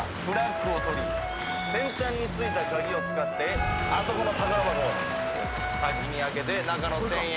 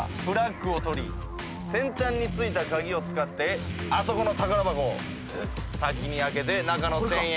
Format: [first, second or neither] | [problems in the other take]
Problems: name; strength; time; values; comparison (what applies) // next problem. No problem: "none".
second | background sound (Applause / Cheering + Wind instrument, woodwind instrument); 1 dB below the speech